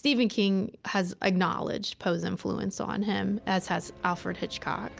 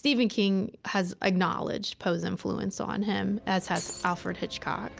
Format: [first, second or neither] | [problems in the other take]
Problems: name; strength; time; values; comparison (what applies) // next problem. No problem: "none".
first | background sound (Shatter); 13 dB below the speech